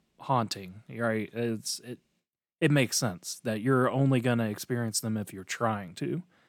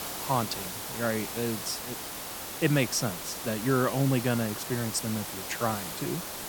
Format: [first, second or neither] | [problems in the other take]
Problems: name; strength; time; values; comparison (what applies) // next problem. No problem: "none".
first | hiss; loud; throughout; 5 dB below the speech